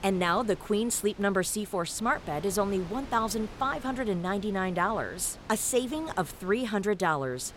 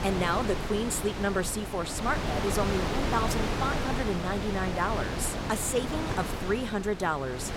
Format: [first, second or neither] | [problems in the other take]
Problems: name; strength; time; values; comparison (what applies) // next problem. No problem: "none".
first | wind noise on the microphone; heavy; 3 dB below the speech; occasional gusts in the first